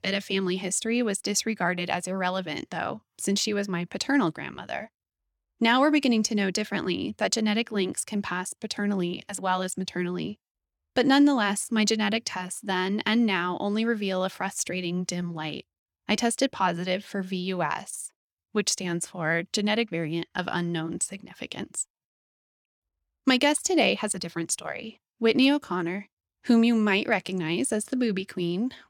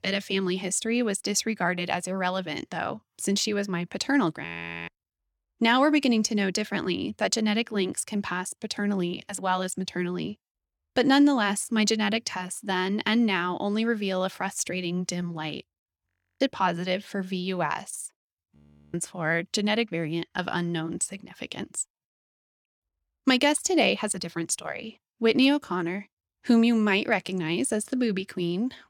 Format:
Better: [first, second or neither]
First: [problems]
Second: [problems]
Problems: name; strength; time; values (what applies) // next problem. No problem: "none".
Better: first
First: none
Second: audio freezing; at 4.5 s, at 16 s and at 19 s